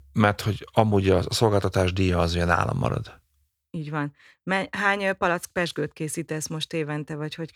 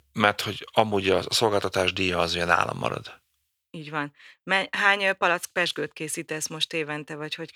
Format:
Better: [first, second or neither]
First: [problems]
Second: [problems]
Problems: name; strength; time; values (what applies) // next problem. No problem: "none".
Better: first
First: none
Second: thin; somewhat; fading below 450 Hz